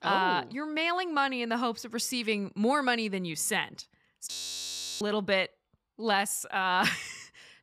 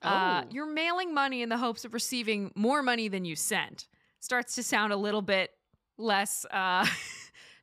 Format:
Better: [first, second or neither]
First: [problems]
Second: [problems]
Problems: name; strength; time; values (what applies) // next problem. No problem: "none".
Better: second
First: audio freezing; at 4.5 s for 0.5 s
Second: none